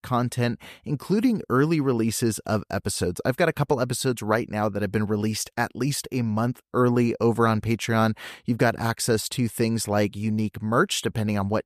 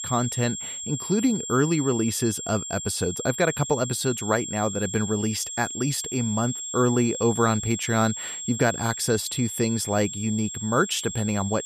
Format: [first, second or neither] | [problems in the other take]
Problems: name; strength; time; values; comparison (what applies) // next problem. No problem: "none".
first | high-pitched whine; loud; throughout; 7.5 kHz, 6 dB below the speech